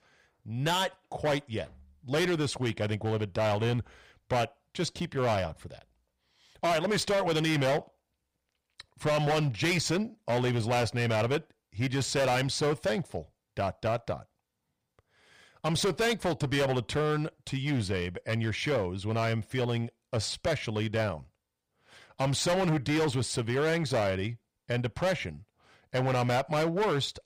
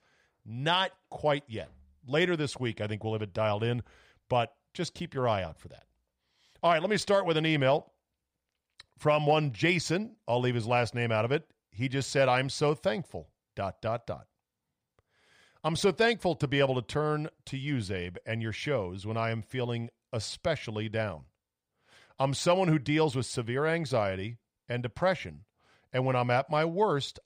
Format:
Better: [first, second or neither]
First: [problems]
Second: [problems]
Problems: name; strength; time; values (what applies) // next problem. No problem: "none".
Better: second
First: distortion; heavy; 13% of the sound clipped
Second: none